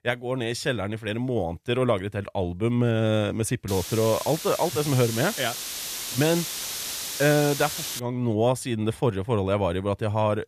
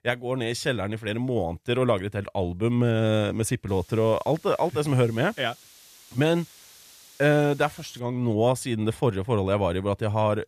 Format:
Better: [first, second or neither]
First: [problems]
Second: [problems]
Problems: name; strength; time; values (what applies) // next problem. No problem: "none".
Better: second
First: hiss; loud; from 3.5 to 8 s; 5 dB below the speech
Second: hiss; faint; from 3.5 to 8 s; 25 dB below the speech